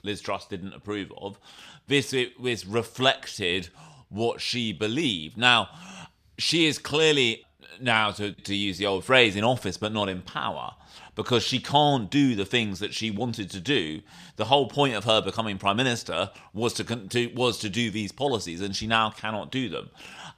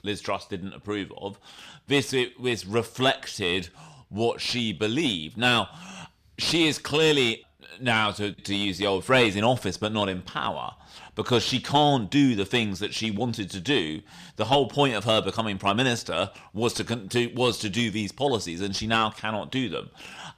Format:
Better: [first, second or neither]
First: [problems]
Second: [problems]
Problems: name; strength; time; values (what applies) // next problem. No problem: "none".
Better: first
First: none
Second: distortion; slight; 10 dB below the speech